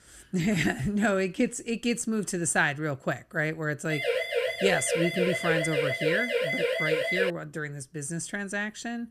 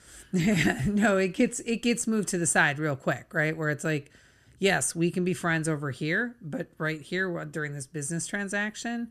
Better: second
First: siren; loud; from 4 to 7.5 s; peak 3 dB above the speech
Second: none

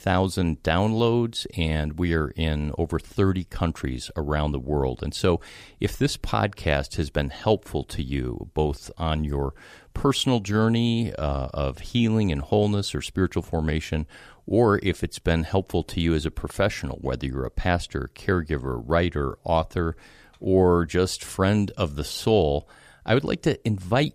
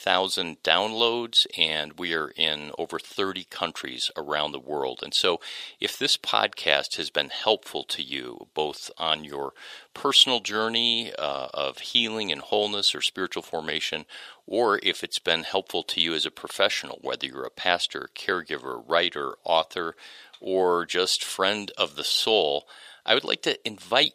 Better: first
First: none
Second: thin; very; fading below 500 Hz

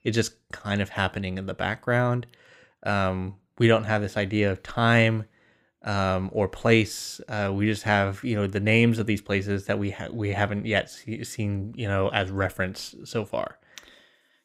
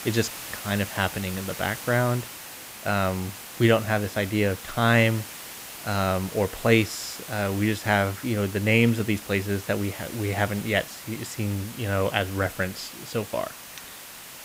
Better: first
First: none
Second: hiss; noticeable; throughout; 10 dB below the speech

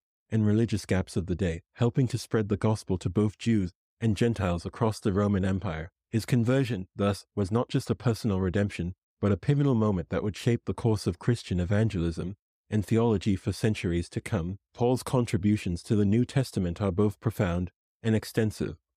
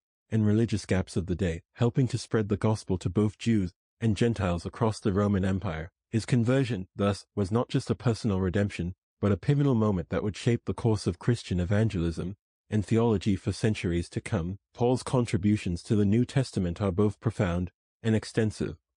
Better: first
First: none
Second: garbled, watery; slightly

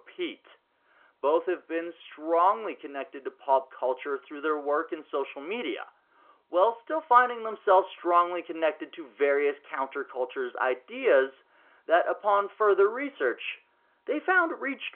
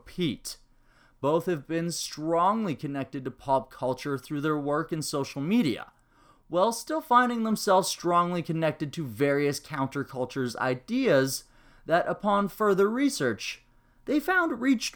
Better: second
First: phone-call audio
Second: none

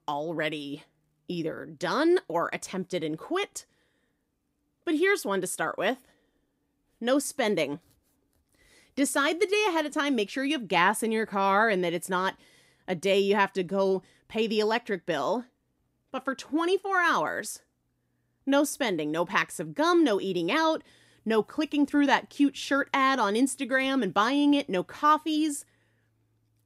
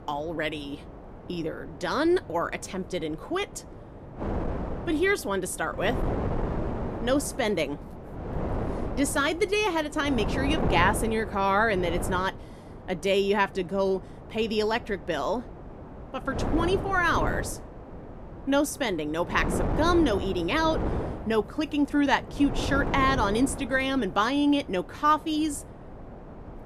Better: first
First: none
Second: wind noise on the microphone; occasional gusts; 10 dB below the speech

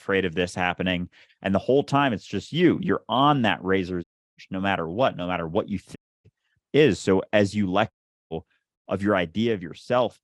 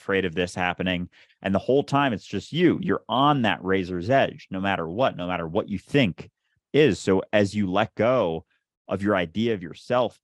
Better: second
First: audio cutting out; at 4 s, at 6 s and at 8 s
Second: none

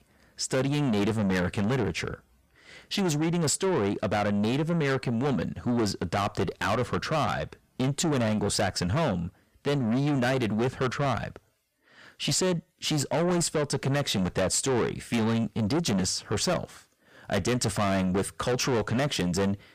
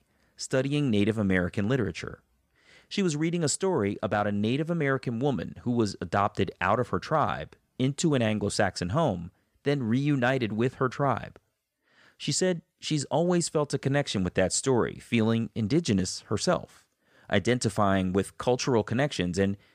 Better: second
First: distortion; heavy; 6 dB below the speech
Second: none

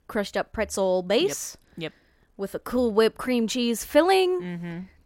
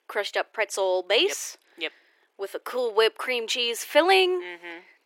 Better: first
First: none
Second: thin; very; fading below 350 Hz

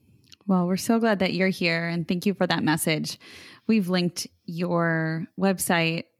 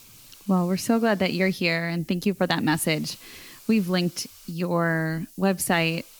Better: first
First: none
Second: hiss; faint; throughout; 20 dB below the speech

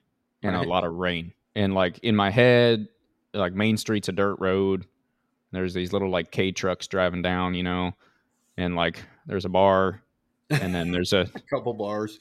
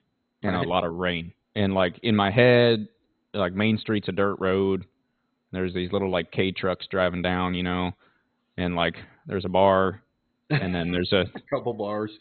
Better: first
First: none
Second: garbled, watery; badly; nothing above 4 kHz

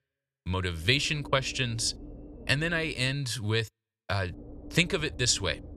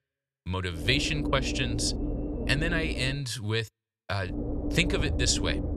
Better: first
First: low rumble; faint; from 1 to 3 s and from 4.5 s on; 25 dB below the speech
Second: low rumble; loud; from 1 to 3 s and from 4.5 s on; 9 dB below the speech

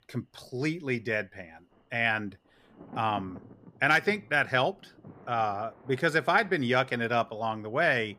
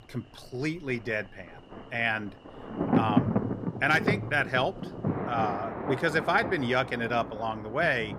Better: first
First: rain or running water; faint; throughout; 25 dB below the speech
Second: rain or running water; loud; throughout; 4 dB below the speech

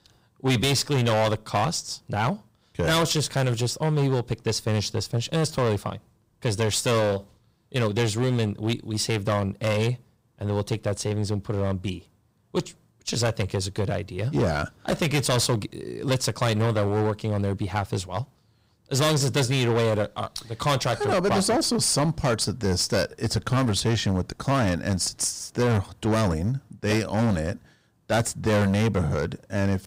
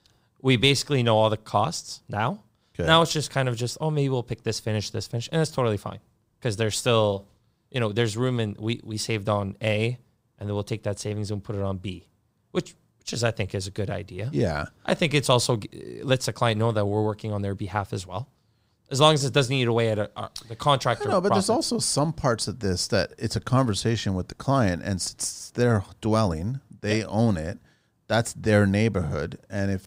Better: second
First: distortion; heavy; 11% of the sound clipped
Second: none

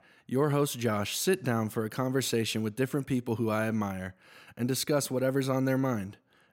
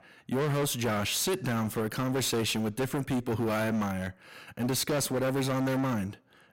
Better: first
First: none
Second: distortion; heavy; 24% of the sound clipped

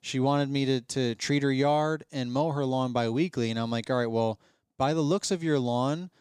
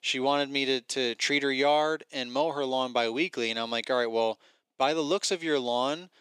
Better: first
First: none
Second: thin; somewhat; fading below 400 Hz

